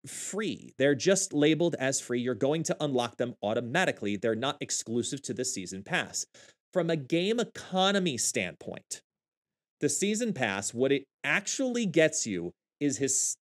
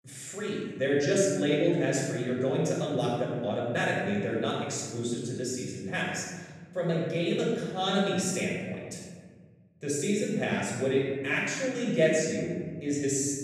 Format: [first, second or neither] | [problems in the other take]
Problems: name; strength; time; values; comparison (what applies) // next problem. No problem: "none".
first | off-mic speech; far // room echo; noticeable; dies away in 2 s